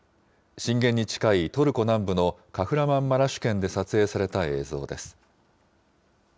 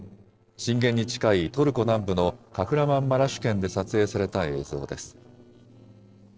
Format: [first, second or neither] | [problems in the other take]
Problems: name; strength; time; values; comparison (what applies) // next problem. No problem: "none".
first | noise reduction (neural separator model SepFormer DNS4)